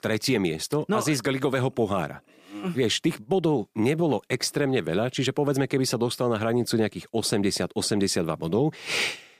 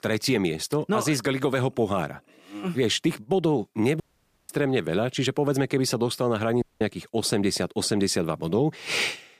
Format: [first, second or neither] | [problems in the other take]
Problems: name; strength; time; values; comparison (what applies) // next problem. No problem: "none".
first | audio cutting out; at 4 s and at 6.5 s